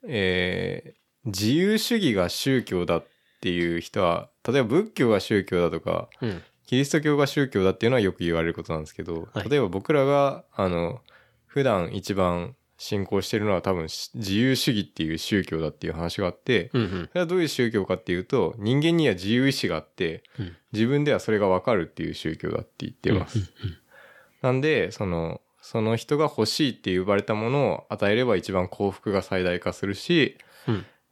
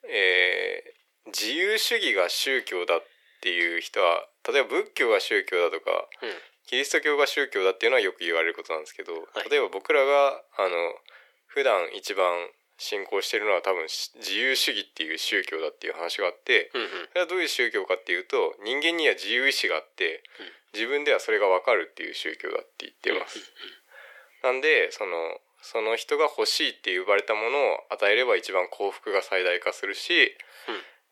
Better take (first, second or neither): first